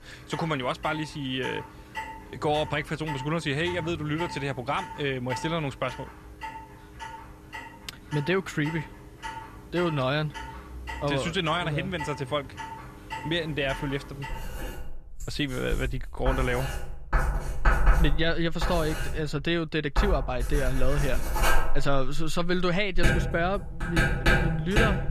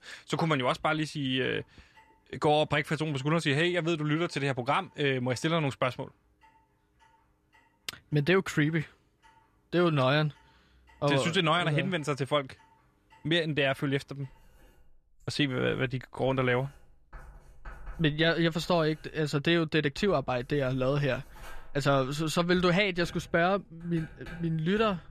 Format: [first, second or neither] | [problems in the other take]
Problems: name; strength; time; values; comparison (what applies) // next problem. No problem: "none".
second | household noises; loud; throughout; 3 dB below the speech; faint in the second